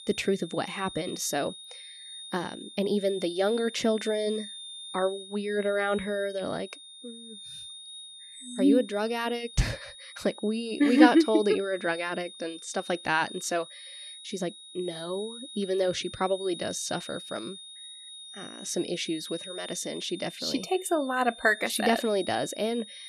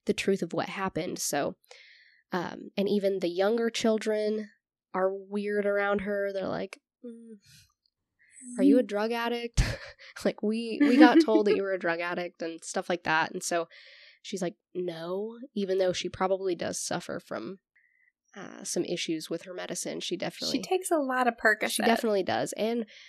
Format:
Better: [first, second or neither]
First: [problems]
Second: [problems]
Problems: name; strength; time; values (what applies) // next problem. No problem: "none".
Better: second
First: high-pitched whine; noticeable; throughout; 3.5 kHz, 15 dB below the speech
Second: none